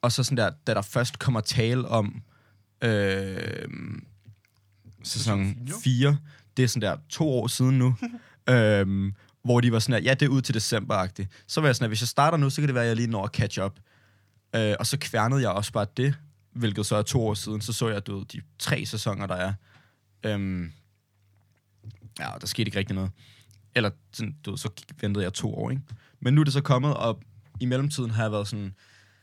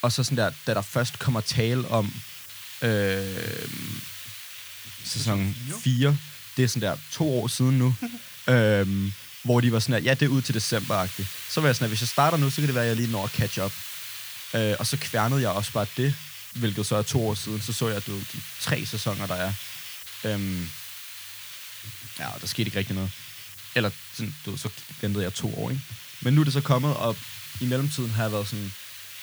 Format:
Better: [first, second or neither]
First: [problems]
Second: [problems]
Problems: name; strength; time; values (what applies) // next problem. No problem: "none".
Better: first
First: none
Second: hiss; noticeable; throughout; 10 dB below the speech